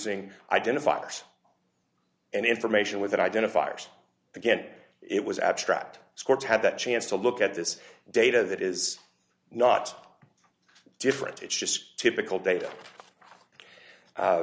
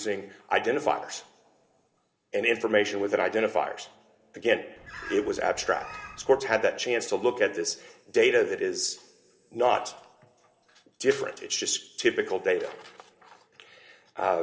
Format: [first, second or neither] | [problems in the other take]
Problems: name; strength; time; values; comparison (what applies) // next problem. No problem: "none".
first | background sound (Bird); 15 dB below the speech // room echo; dies away in 0.7 s